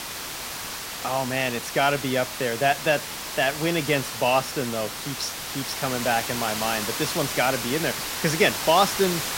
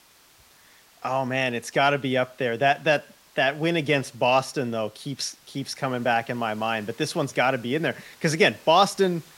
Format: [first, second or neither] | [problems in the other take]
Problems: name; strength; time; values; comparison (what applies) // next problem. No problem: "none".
second | hiss; loud; throughout; 5 dB below the speech; faint in the second